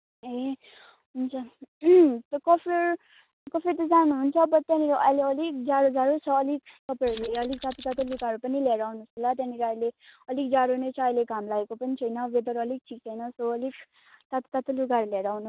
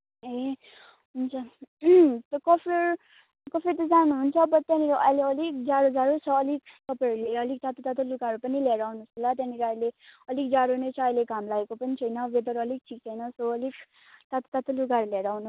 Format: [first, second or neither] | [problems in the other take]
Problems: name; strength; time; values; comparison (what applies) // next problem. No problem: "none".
second | noise reduction (neural mask model RNNoise)